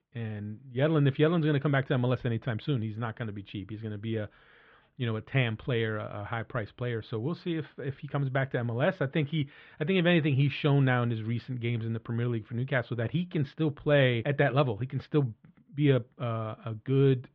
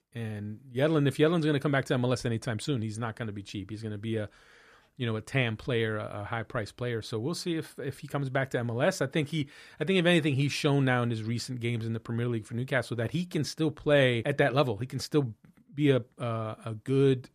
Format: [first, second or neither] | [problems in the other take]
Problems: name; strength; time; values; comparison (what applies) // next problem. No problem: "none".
second | muffled; very; fading above 3.5 kHz